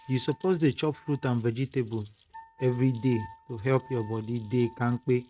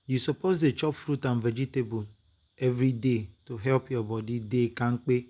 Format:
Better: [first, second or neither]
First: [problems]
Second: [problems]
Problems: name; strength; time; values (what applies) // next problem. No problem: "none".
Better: second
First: noise reduction (neural mask model RNNoise)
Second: none